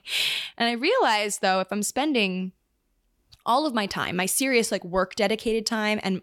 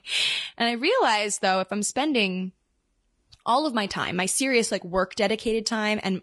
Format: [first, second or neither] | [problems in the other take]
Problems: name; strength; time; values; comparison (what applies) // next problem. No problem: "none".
first | garbled, watery; slightly; nothing above 10.5 kHz